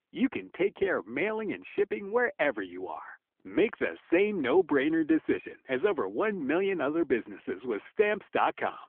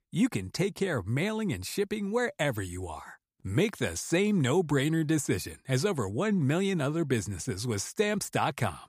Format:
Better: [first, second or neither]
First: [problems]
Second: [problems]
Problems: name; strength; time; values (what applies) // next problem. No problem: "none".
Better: second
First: phone-call audio; nothing above 3.5 kHz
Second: none